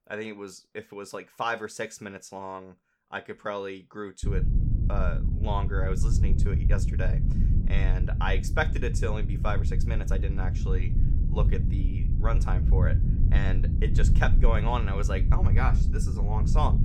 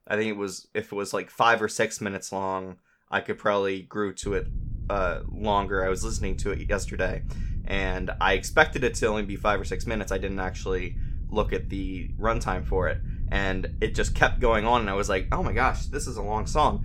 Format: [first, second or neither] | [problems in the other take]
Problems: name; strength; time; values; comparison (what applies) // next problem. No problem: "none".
second | low rumble; loud; from 4 s on; 7 dB below the speech; faint in the second